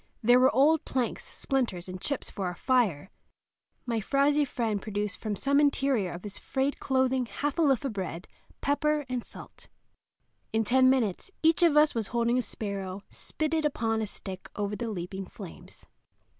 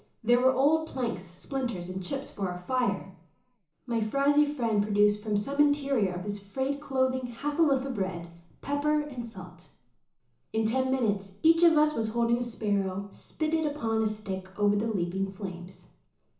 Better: first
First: none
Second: room echo; dies away in 0.8 s

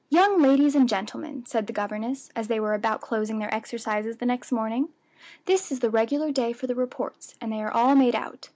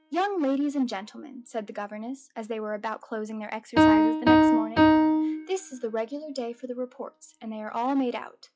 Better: first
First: none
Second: noise reduction (classical method log-MMSE)

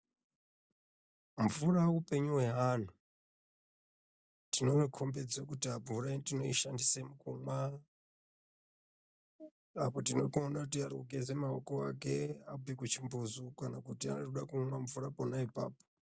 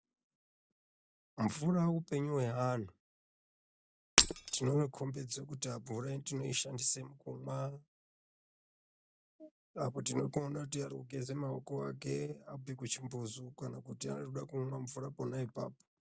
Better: first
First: none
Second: background sound (Shatter); 4 dB above the speech

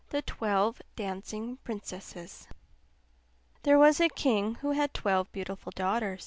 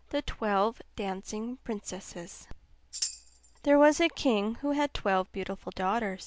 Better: first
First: none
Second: background sound (Tambourine); 11 dB below the speech

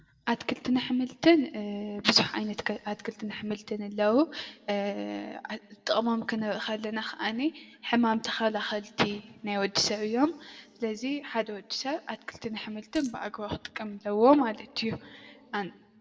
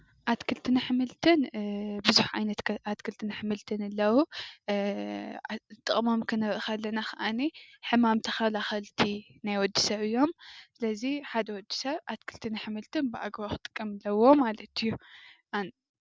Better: second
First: background sound (Coin (dropping)); 20 dB below the speech // room echo; dies away in 2.2 s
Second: none

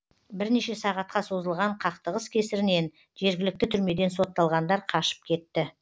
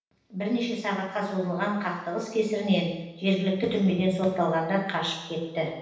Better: first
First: none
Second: room echo; dies away in 0.9 s

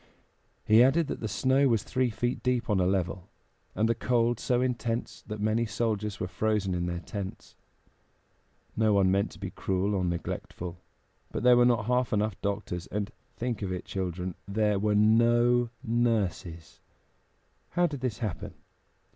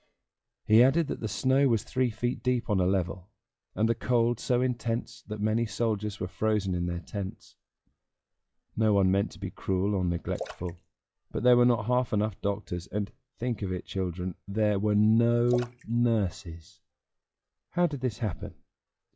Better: first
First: none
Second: noise reduction (classical method log-MMSE)

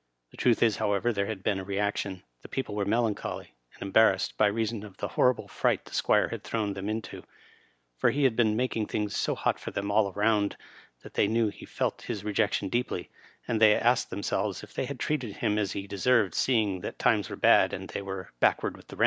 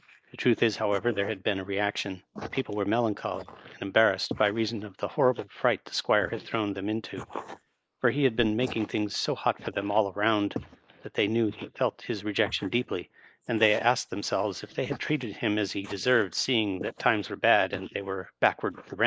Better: first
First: none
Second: noise reduction (neural mask model Resemble Enhance denoiser)

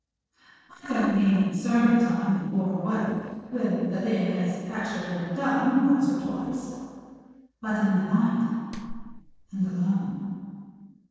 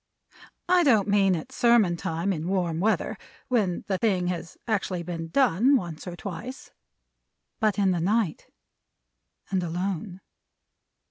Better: second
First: noise reduction (neural separator model SepFormer DNS4)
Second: none

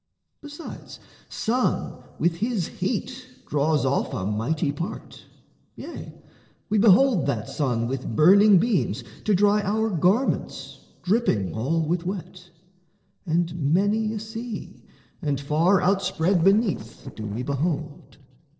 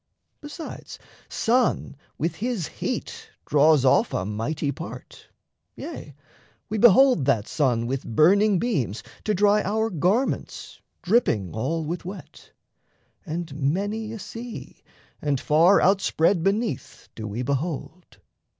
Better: second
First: noise reduction (neural separator model SepFormer DNS4)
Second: none

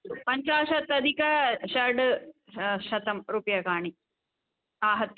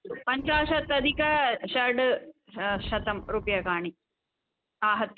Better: first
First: none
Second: background sound (Wind); 12 dB below the speech

